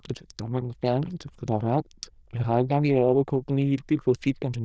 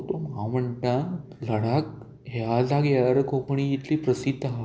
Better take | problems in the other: second | noise reduction (neural diffusion model UNIVERSE++)

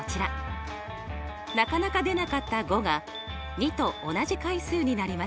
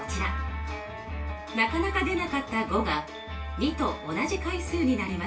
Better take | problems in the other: first | room echo; dies away in 0.3 s

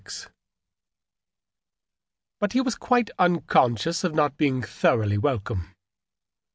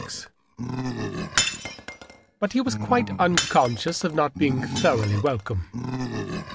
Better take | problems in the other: first | background sound (Animal + Shatter); 4 dB below the speech

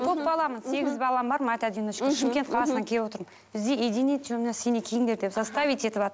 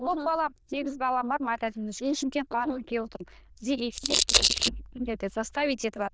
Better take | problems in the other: first | noise reduction (neural diffusion model UNIVERSE++)

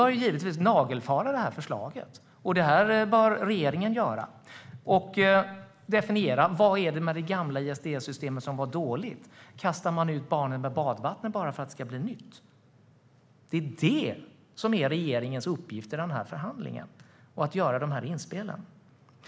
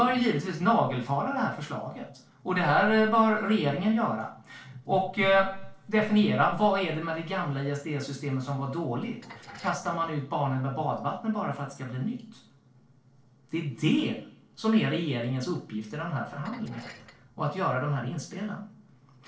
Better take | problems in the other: first | noise reduction (neural separator model SepFormer DNS4)

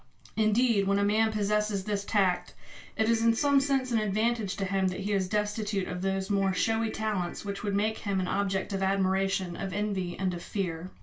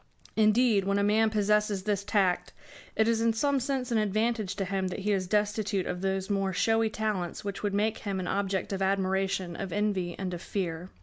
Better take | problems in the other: second | background sound (Ringtone / Keyboard (musical)); 18 dB below the speech // room echo; dies away in 0.2 s

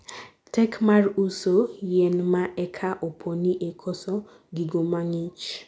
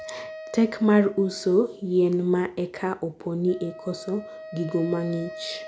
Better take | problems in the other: first | background sound (Wind instrument, woodwind instrument); 16 dB below the speech

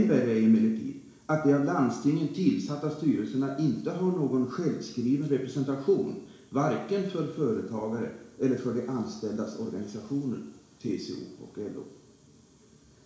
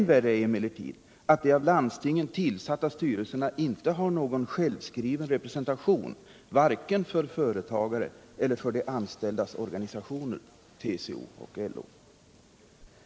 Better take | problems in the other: second | room echo; dies away in 0.7 s

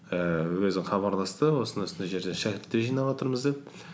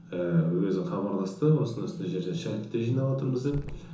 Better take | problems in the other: first | background sound (Growling); 19 dB below the speech // room echo; dies away in 0.7 s

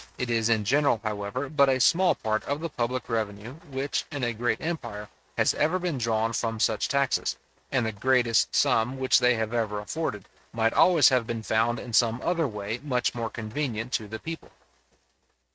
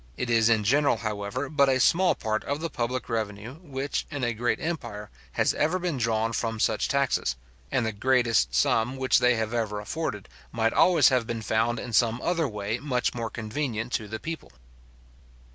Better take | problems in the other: second | noise reduction (neural mask model RNNoise)

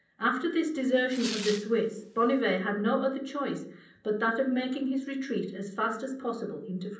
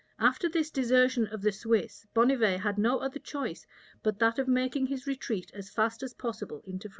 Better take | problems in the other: second | background sound (Tearing); 12 dB below the speech // room echo; dies away in 0.6 s

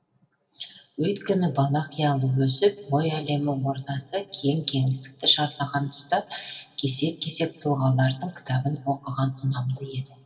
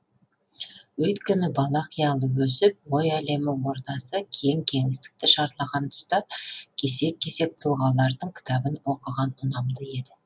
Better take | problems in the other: second | room echo; dies away in 1.5 s

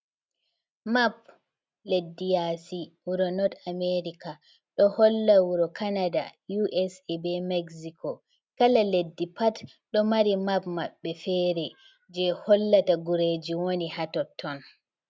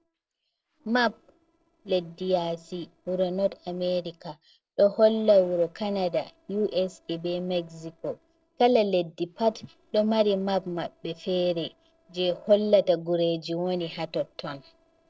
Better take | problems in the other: first | noise reduction (neural separator model SepFormer DNS4)

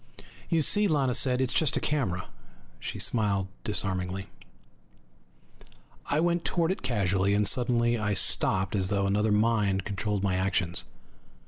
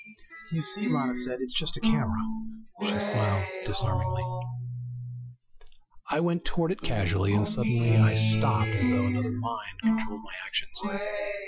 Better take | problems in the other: first | noise reduction (classical method Wiener filter)

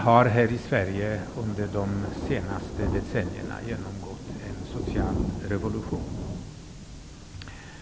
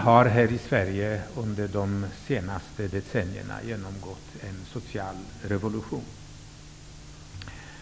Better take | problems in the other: second | background sound (Thunder); 6 dB below the speech

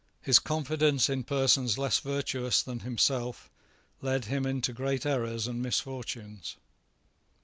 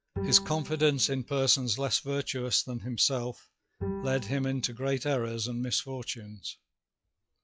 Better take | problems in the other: first | noise reduction (classical method log-MMSE)

